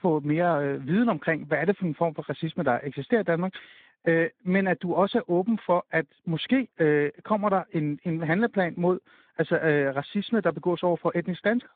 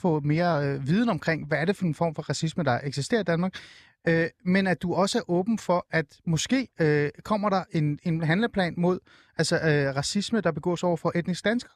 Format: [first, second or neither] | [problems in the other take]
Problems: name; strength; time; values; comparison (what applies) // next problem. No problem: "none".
second | phone-call audio; nothing above 3.5 kHz